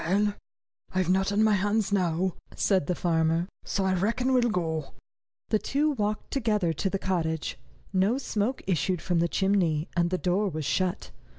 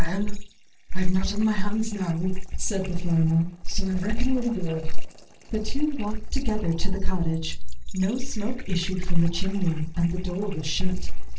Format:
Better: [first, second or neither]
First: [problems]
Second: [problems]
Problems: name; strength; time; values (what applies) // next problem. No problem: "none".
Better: first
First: none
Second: noise reduction (neural separator model SepFormer DNS4)